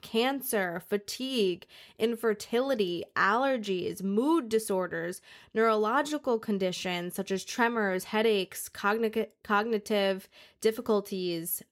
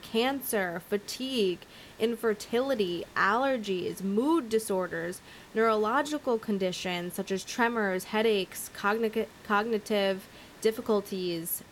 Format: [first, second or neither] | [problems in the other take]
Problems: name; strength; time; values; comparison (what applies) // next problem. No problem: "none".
first | hiss; faint; throughout; 20 dB below the speech